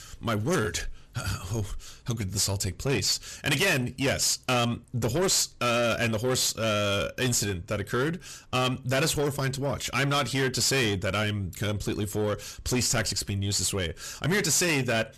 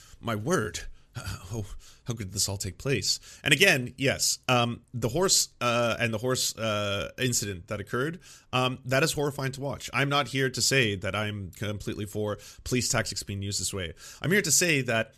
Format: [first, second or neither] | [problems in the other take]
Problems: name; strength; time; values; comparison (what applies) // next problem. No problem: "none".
second | distortion; heavy; 7 dB below the speech